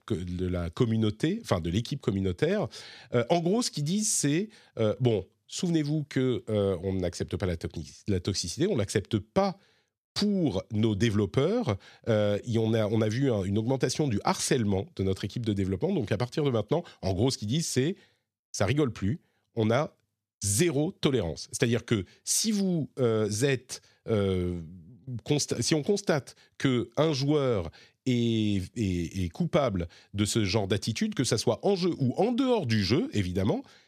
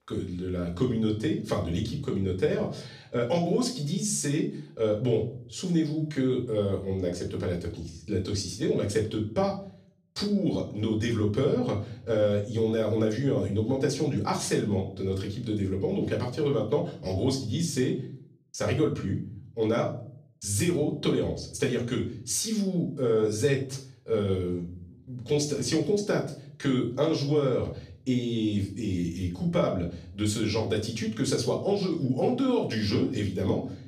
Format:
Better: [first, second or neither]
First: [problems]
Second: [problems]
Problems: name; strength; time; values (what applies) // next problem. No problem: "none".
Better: first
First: none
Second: room echo; slight; dies away in 0.4 s // off-mic speech; far